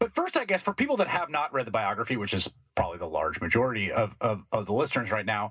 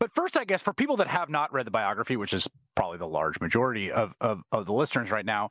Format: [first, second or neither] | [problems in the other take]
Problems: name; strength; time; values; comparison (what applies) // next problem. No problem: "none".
second | room echo; dies away in 0.2 s